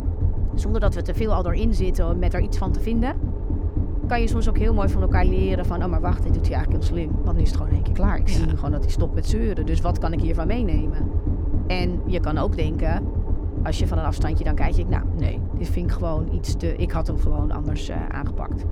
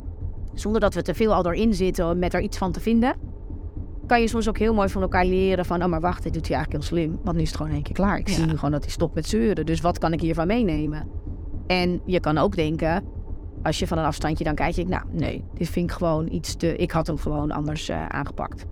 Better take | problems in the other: second | low rumble; loud; throughout; 7 dB below the speech; faint in the second

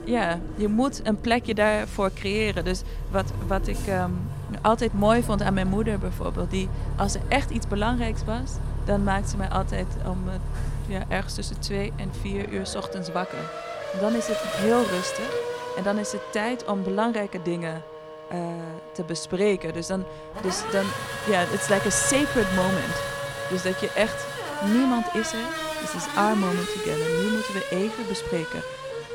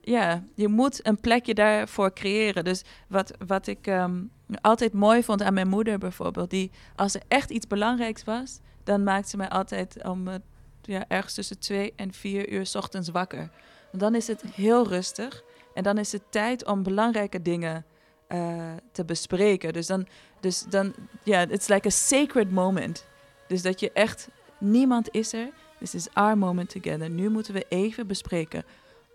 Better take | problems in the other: second | traffic noise; loud; throughout; 5 dB below the speech; faint in the second

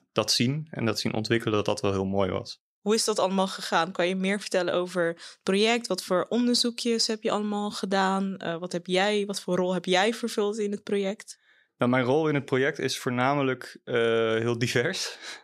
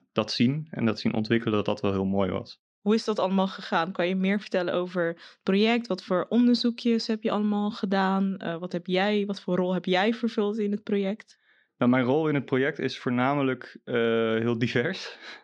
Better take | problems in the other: first | muffled; very slightly; fading above 4 kHz

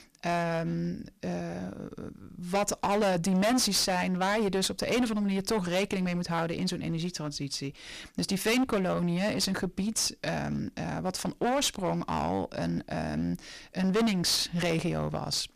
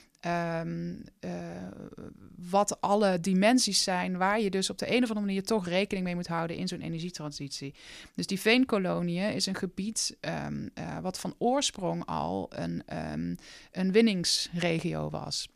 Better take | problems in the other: second | distortion; heavy; 14% of the sound clipped

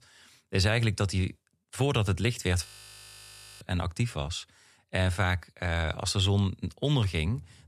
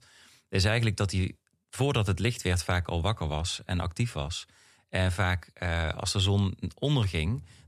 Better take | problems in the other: second | audio freezing; at 2.5 s for 1 s

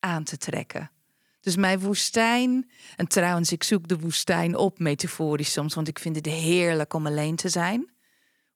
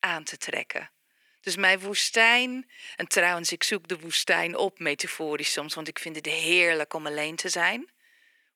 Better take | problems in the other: first | thin; very; fading below 450 Hz

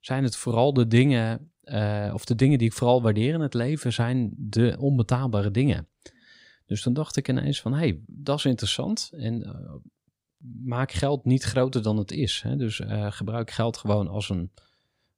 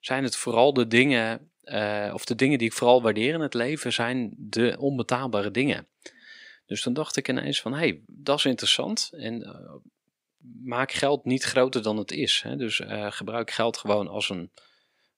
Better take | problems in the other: first | thin; somewhat; fading below 300 Hz

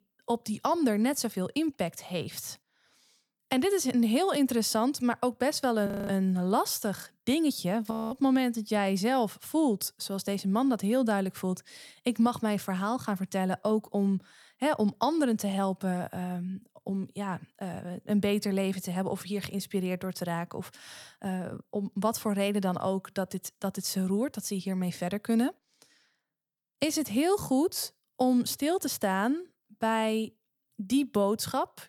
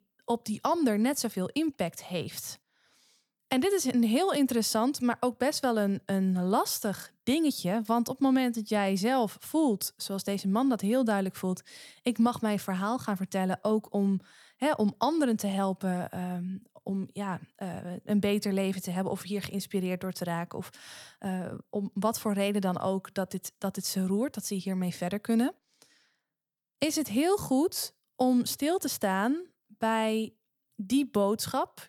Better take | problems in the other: second | audio freezing; at 6 s and at 8 s

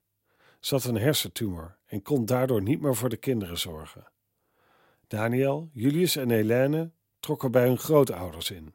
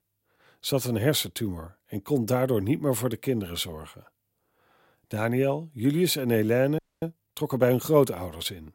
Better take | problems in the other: first | audio freezing; at 7 s

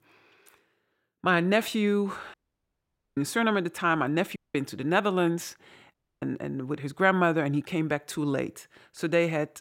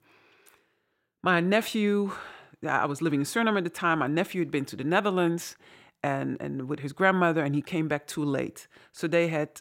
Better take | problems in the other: second | audio cutting out; at 2.5 s for 1 s, at 4.5 s and at 6 s

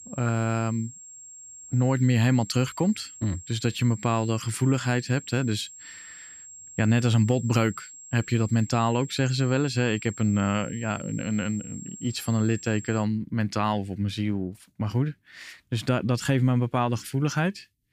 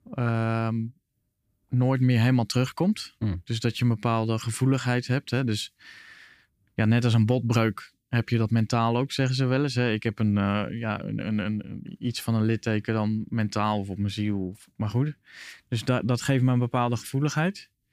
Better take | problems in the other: second | high-pitched whine; noticeable; until 13 s; 7.5 kHz, 15 dB below the speech

